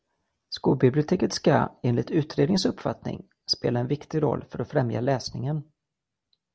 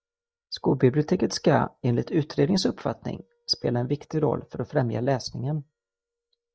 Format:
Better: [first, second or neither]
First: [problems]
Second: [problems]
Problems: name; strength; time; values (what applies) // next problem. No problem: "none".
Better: first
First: none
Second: noise reduction (neural mask model DeepFilterNet 3)